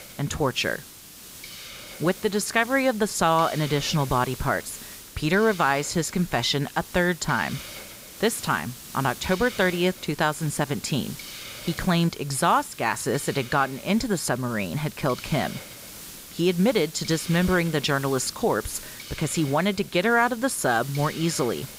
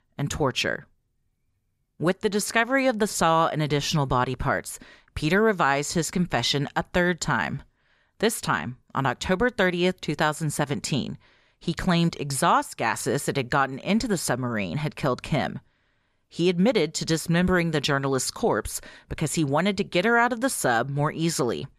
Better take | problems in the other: second | hiss; noticeable; throughout; 15 dB below the speech

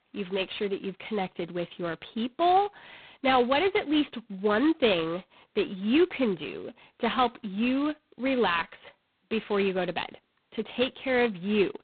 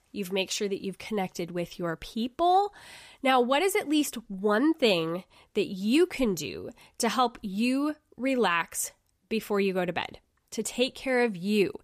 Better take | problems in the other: second | phone-call audio; poor line; nothing above 4 kHz

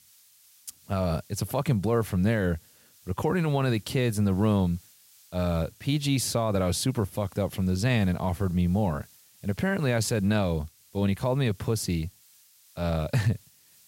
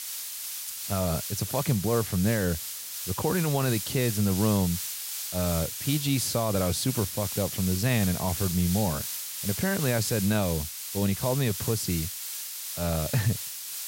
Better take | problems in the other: first | hiss; loud; throughout; 4 dB below the speech; faint in the first

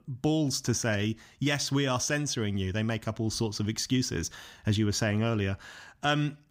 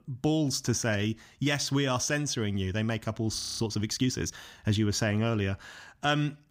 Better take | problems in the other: first | audio freezing; at 3.5 s

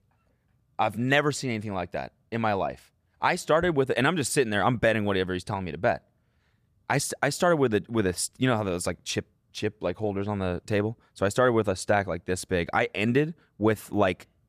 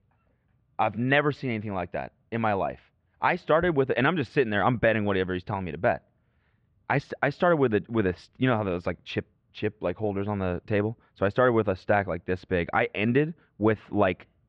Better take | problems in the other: first | muffled; very; fading above 3 kHz

